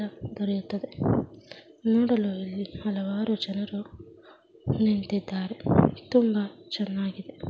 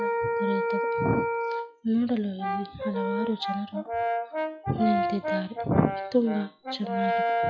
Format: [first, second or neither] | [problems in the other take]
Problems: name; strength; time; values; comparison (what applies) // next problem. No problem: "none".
first | noise reduction (classical method log-MMSE)